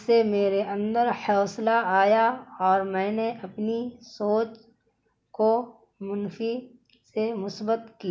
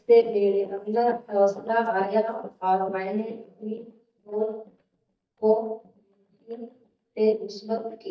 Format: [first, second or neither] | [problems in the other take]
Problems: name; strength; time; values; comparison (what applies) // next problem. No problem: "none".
first | noise reduction (neural mask model DeepFilterNet 3)